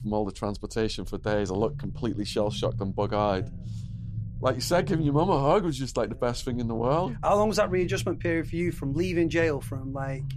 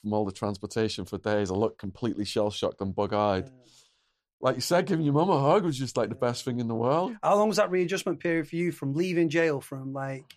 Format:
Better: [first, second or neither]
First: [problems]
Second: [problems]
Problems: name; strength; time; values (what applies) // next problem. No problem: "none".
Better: second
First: low rumble; faint; throughout; 20 dB below the speech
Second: none